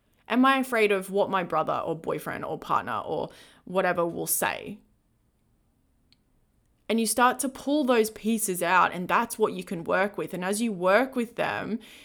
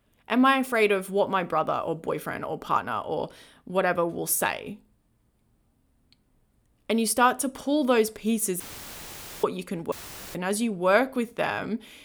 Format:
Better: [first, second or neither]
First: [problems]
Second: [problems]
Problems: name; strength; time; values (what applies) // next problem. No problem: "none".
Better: first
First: none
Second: audio cutting out; filled with static; at 8.5 s for 1 s and at 10 s